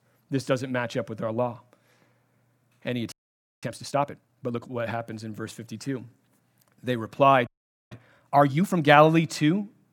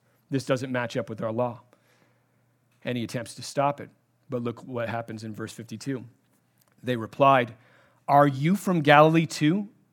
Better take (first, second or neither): second